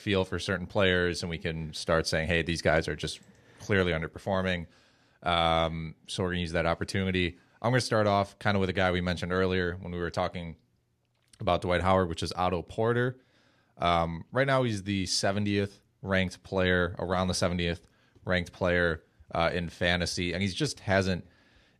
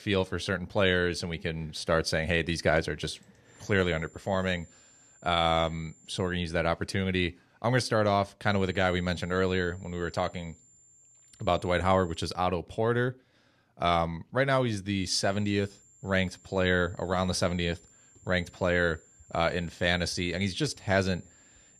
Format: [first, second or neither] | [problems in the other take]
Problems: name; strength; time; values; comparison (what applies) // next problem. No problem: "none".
first | high-pitched whine; faint; from 3.5 to 6.5 s, from 8.5 to 12 s and from 15 s on; 7 kHz, 30 dB below the speech